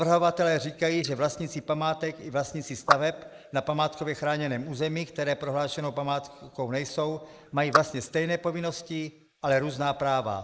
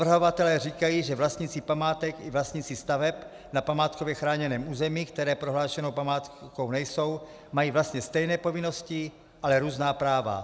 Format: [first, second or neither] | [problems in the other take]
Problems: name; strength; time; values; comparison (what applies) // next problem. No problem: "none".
second | noise reduction (neural mask model Resemble Enhance denoiser)